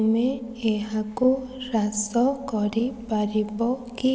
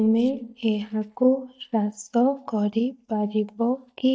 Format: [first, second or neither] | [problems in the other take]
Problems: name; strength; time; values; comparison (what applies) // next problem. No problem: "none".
first | noise reduction (neural mask model DeepFilterNet 3)